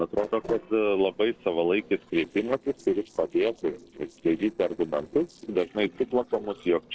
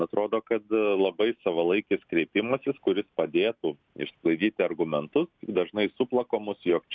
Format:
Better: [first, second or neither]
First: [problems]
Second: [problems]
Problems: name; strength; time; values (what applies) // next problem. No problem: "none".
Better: second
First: noise reduction (neural separator model SepFormer DNS4)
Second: none